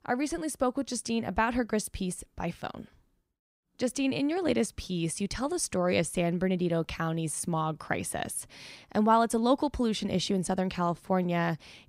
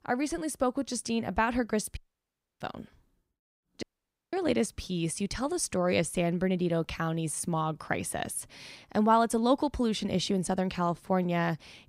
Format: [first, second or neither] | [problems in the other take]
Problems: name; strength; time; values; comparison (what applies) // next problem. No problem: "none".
first | audio cutting out; at 2 s for 0.5 s and at 4 s for 0.5 s